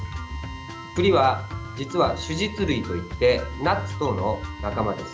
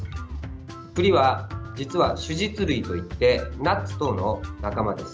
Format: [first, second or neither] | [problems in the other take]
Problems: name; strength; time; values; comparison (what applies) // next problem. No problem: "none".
second | background sound (Trumpet + Drill); 18 dB below the speech